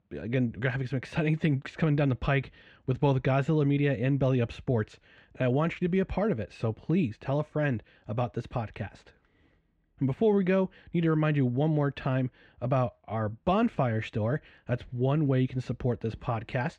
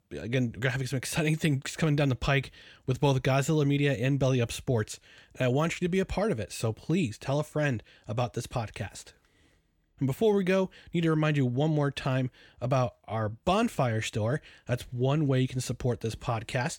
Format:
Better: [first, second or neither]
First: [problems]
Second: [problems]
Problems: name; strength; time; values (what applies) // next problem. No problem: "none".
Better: second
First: muffled; slightly; fading above 2.5 kHz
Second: none